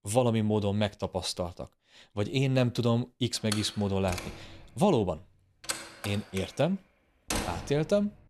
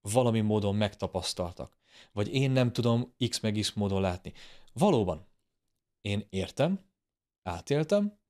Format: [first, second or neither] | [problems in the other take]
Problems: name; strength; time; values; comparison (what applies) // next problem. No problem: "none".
second | door banging; noticeable; from 3.5 to 8 s; peak 3 dB below the speech